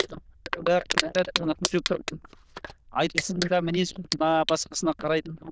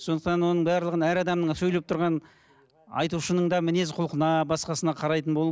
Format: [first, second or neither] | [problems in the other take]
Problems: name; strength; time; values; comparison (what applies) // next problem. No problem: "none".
second | noise reduction (neural diffusion model UNIVERSE++)